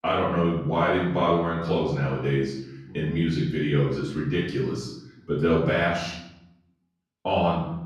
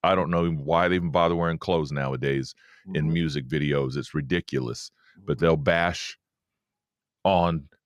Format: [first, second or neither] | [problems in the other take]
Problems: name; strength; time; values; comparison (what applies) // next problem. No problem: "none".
second | off-mic speech; far // room echo; noticeable; dies away in 0.7 s